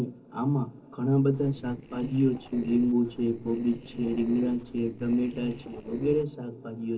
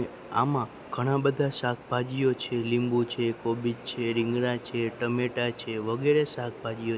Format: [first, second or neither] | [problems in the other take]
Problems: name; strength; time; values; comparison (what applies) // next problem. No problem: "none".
second | noise reduction (neural separator model SepFormer DNS4)